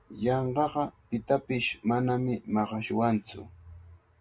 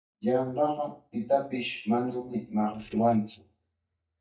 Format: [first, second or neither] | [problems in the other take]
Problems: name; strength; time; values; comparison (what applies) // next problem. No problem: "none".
first | noise reduction (neural mask model DeepFilterNet 3)